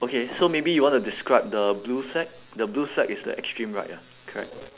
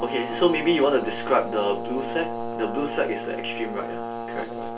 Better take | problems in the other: first | background sound (Brass instrument); 6 dB below the speech // room echo; dies away in 0.2 s

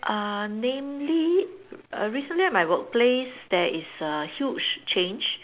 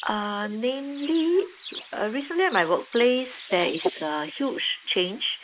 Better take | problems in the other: first | noise reduction (neural mask model Resemble Enhance denoiser)

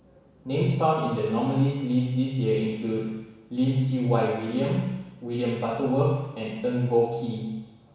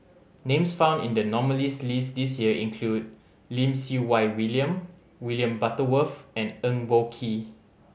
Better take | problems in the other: second | room echo; dies away in 1.1 s

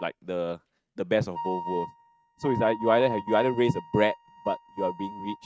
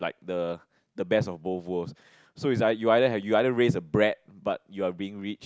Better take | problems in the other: second | noise reduction (neural mask model RNNoise)

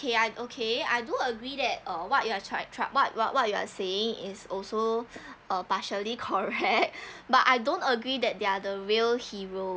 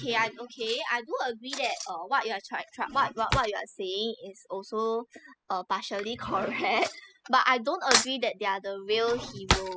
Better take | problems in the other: first | noise reduction (classical method spectral subtraction)

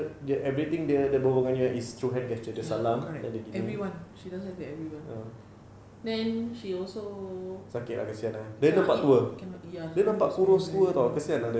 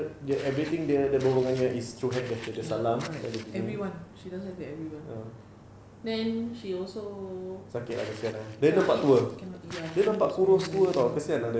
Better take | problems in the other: first | background sound (Walk, footsteps); 18 dB below the speech

